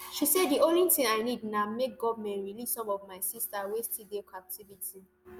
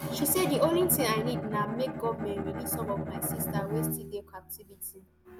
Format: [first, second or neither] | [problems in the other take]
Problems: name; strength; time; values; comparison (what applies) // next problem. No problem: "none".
first | background sound (Bowed string instrument); 3 dB below the speech